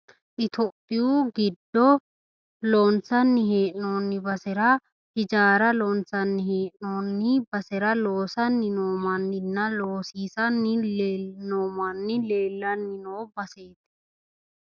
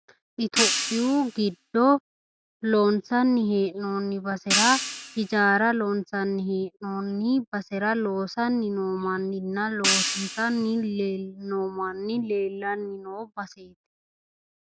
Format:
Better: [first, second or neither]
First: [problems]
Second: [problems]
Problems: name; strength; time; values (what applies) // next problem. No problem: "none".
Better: first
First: none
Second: background sound (Hi-hat); 3 dB below the speech